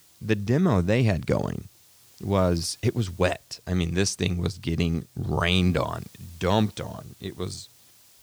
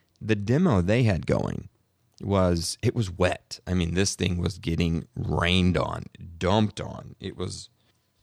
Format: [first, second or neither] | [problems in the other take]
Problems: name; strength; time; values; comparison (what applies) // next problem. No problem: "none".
second | hiss; faint; throughout; 25 dB below the speech